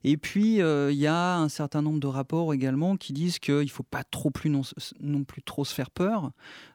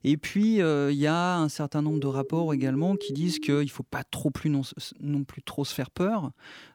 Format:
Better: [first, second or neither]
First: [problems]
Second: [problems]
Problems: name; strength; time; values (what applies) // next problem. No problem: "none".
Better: first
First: none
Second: siren; noticeable; from 2 to 3.5 s; peak 9 dB below the speech